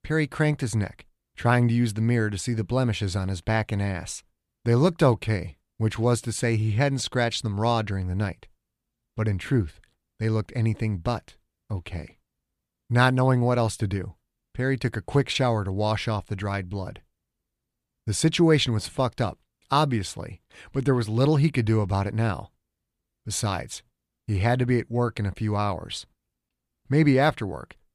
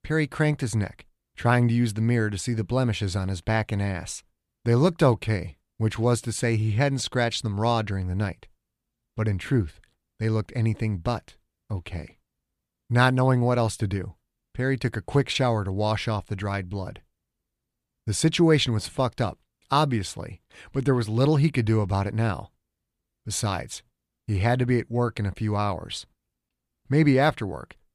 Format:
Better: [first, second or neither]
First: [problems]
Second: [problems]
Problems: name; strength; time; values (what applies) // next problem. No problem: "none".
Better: neither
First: none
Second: none